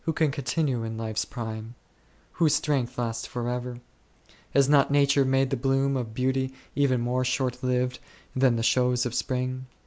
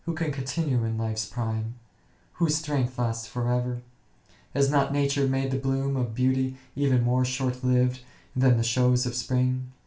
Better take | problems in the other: first | room echo; dies away in 0.3 s

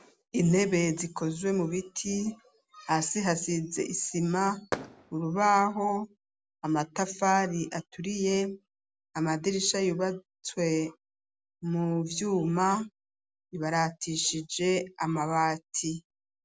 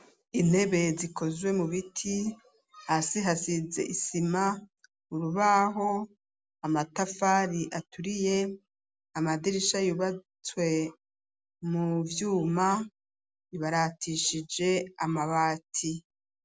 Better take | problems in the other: second | background sound (Fireworks); 13 dB below the speech

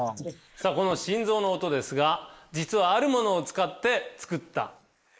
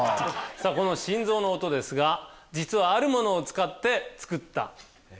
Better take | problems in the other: second | noise reduction (neural mask model Resemble Enhance denoiser)

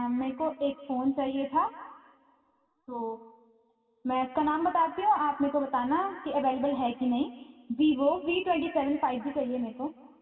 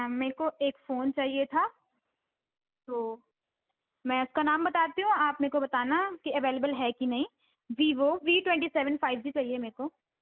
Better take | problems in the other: second | room echo; dies away in 2 s

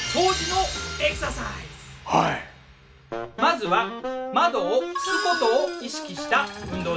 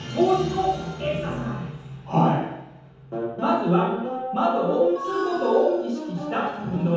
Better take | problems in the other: first | room echo; dies away in 0.9 s

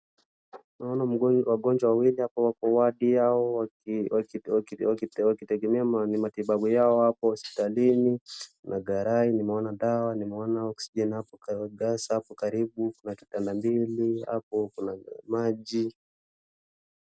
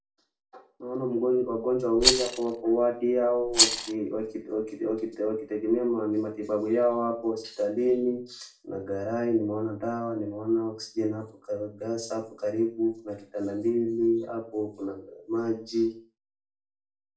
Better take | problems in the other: first | background sound (Rattle); 1 dB above the speech // room echo; dies away in 0.3 s

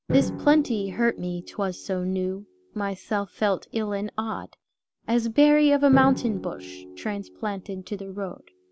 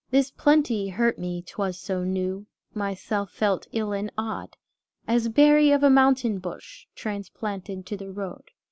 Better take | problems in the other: second | background sound (Drum); 12 dB below the speech

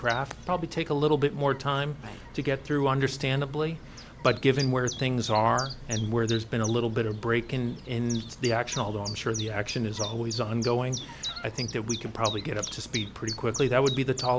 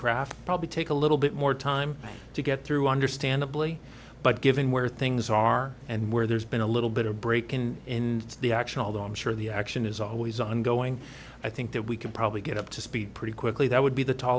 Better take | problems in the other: second | background sound (Chirp, tweet); 13 dB below the speech

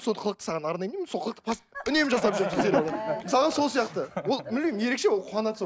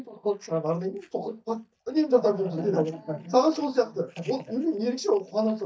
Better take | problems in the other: first | noise reduction (neural mask model DeepFilterNet 3)

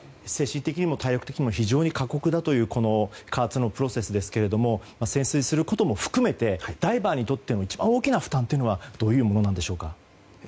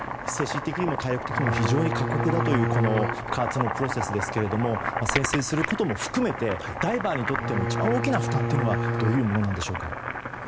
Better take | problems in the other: first | background sound (Bowed string instrument + Boiling); 1 dB below the speech

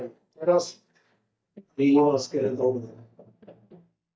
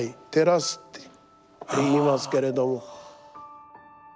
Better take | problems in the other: second | noise reduction (neural mask model DeepFilterNet 3)

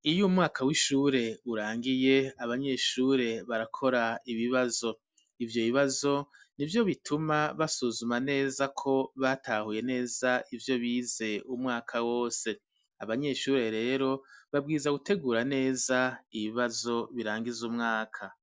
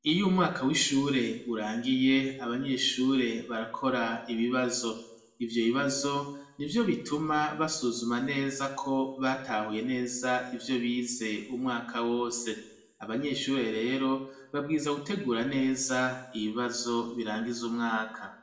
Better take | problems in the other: first | room echo; dies away in 0.7 s

